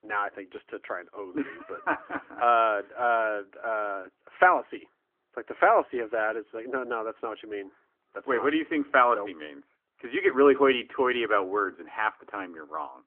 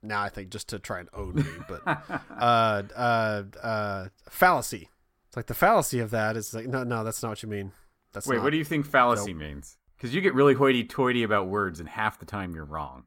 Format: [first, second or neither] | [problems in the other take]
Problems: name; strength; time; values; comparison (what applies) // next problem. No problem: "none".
second | phone-call audio; nothing above 3.5 kHz